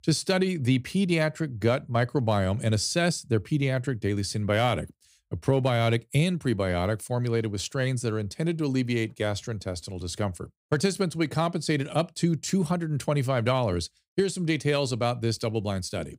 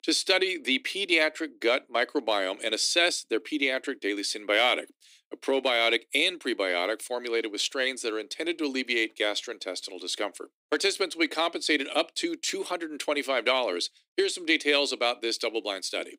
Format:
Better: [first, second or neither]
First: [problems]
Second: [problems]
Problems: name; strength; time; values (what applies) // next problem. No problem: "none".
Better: first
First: none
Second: thin; somewhat; fading below 300 Hz